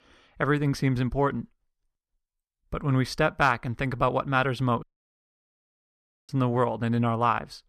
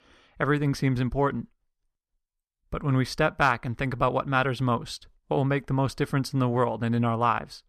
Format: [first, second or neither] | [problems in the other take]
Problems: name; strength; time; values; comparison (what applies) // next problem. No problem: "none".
second | audio cutting out; at 5 s for 1.5 s